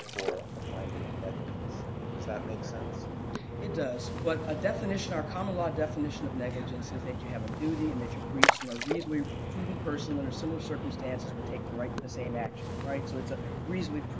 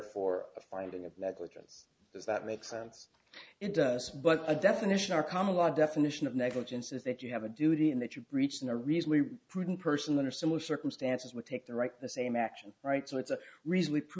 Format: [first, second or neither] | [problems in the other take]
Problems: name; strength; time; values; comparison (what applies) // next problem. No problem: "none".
second | background sound (Splash, splatter); 1 dB above the speech